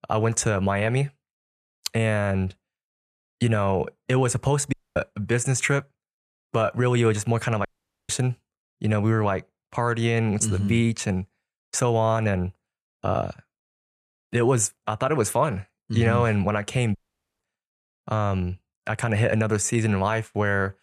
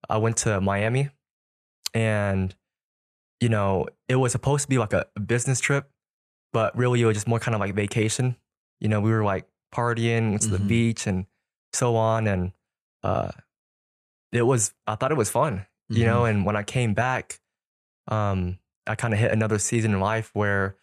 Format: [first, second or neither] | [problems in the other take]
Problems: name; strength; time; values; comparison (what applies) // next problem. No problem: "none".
second | audio cutting out; at 4.5 s, at 7.5 s and at 17 s